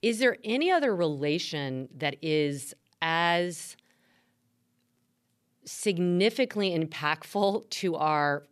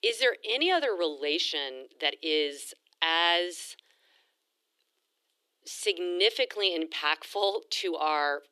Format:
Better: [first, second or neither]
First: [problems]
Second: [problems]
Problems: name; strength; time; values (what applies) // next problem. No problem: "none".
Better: first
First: none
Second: thin; very; fading below 300 Hz